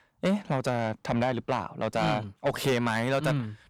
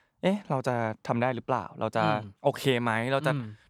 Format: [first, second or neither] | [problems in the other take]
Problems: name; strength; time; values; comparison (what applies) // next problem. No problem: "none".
second | distortion; heavy; 7 dB below the speech